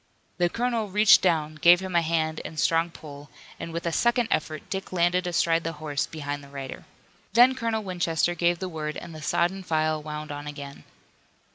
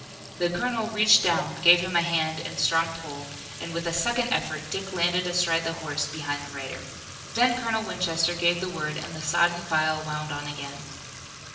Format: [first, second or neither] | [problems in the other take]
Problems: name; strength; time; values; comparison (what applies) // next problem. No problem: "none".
first | background sound (Fill (with liquid) / Trickle, dribble / Sink (filling or washing)); 12 dB below the speech // room echo; dies away in 1 s